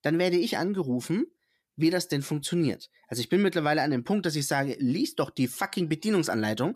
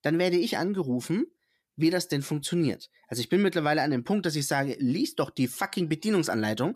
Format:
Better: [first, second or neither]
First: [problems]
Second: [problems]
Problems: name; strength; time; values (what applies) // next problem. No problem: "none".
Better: neither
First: none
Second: none